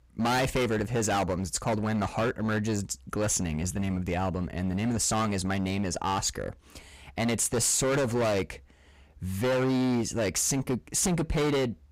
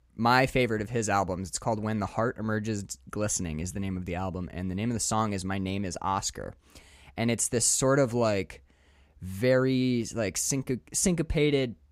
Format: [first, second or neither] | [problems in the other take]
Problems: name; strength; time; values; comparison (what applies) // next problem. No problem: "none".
second | distortion; heavy; 19% of the sound clipped